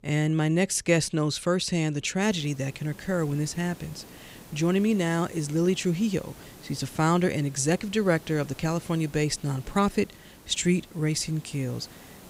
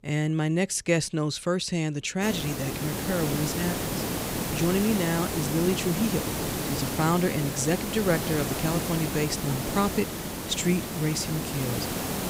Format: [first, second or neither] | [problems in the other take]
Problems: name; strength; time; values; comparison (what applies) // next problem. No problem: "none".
first | hiss; loud; from 2 s on; 3 dB below the speech; faint in the first